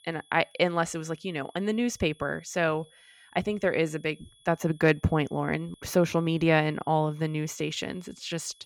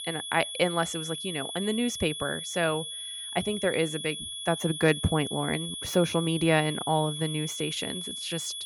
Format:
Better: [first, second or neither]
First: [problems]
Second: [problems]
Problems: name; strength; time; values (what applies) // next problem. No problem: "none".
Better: first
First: high-pitched whine; faint; throughout; 3.5 kHz, 30 dB below the speech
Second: high-pitched whine; loud; throughout; 3.5 kHz, 6 dB below the speech